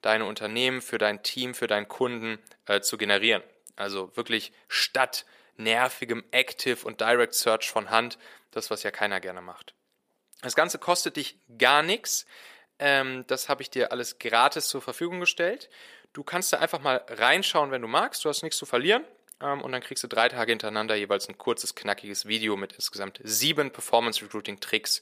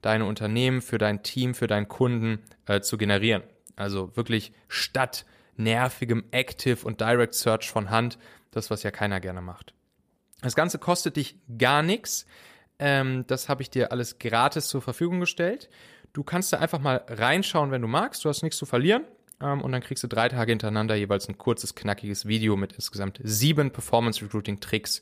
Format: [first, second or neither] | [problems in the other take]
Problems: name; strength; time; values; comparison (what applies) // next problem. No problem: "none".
second | thin; somewhat; fading below 400 Hz